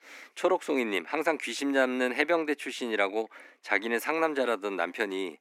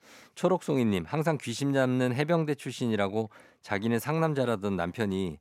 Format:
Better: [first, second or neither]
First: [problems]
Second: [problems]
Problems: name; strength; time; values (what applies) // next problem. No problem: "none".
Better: second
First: thin; somewhat; fading below 300 Hz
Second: none